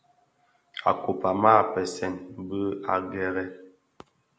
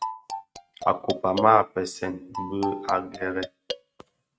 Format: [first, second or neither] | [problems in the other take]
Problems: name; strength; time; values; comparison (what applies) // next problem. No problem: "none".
first | noise reduction (neural mask model RNNoise)